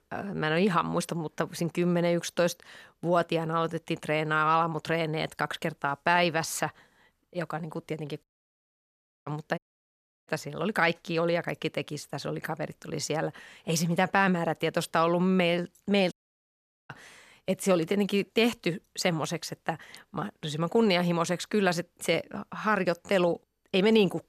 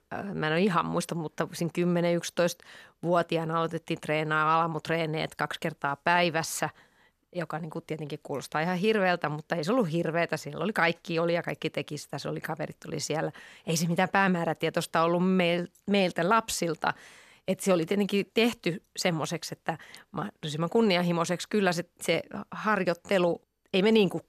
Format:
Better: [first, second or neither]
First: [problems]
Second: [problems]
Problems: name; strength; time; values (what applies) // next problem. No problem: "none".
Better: second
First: audio cutting out; at 8 s for 1 s, at 9.5 s for 0.5 s and at 16 s for 1 s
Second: none